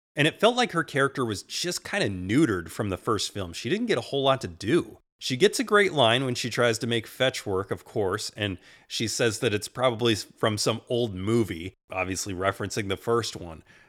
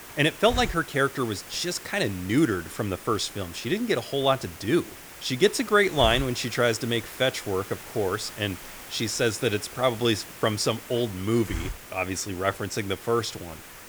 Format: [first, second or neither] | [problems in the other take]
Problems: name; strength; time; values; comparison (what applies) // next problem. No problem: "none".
first | hiss; noticeable; throughout; 15 dB below the speech